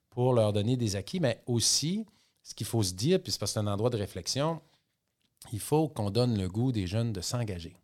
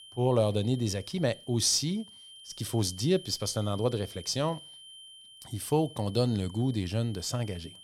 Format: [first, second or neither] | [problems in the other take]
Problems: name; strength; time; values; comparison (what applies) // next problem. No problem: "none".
first | high-pitched whine; noticeable; throughout; 3 kHz, 20 dB below the speech